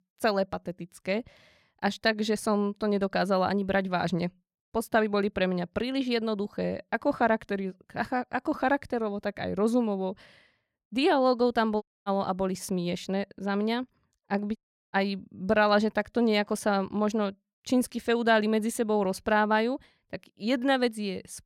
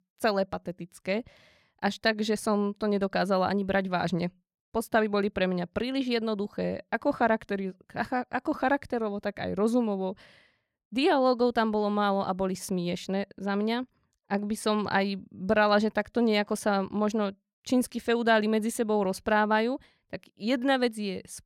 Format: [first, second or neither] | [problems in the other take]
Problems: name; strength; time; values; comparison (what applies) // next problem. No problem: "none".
second | audio cutting out; at 12 s and at 15 s